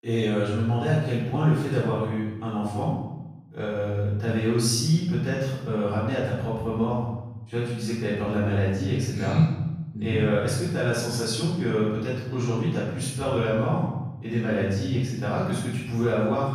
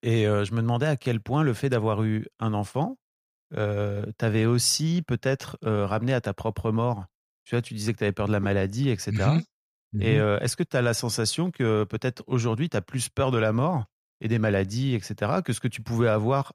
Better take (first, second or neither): second